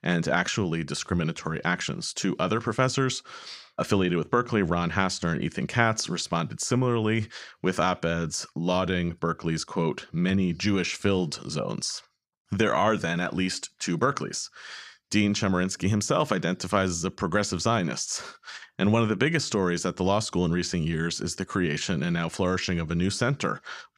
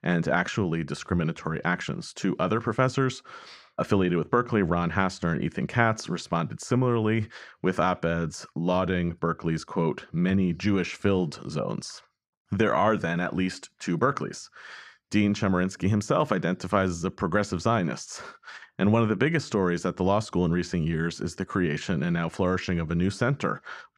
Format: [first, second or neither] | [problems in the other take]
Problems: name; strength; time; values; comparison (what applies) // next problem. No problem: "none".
first | muffled; slightly; fading above 2.5 kHz